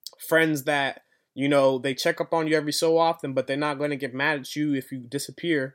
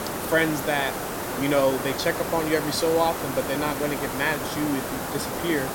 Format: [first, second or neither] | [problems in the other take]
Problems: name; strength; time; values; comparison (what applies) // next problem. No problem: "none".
first | hiss; loud; throughout; 4 dB below the speech